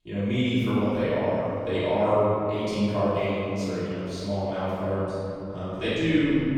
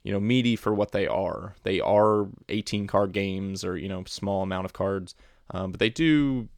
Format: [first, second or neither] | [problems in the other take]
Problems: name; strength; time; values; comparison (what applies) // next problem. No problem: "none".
second | off-mic speech; far // room echo; strong; dies away in 2.5 s